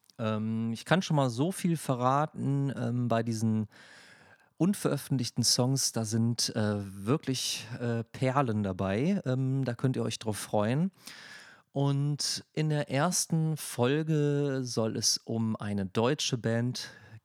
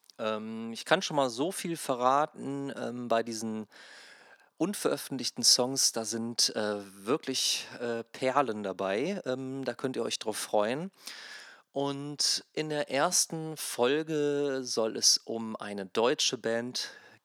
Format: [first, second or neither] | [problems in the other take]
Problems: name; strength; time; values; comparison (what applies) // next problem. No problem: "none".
first | thin; somewhat; fading below 400 Hz